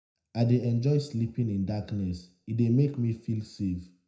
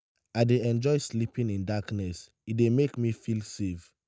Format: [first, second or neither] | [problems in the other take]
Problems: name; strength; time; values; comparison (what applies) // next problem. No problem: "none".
second | room echo; dies away in 0.5 s